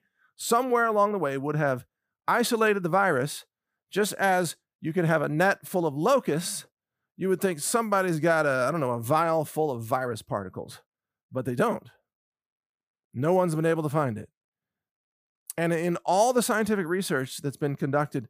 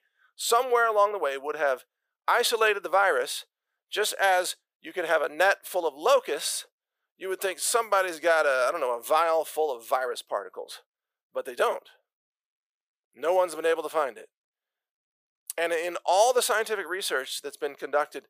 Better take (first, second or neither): first